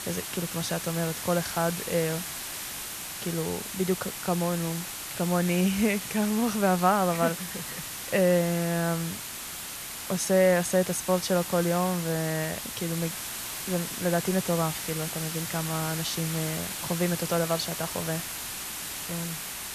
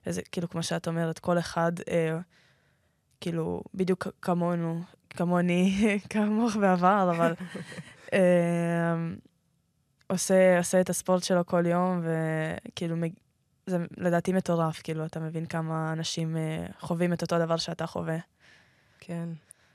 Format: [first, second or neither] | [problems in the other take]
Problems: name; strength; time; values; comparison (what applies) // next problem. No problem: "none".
second | hiss; loud; throughout; 5 dB below the speech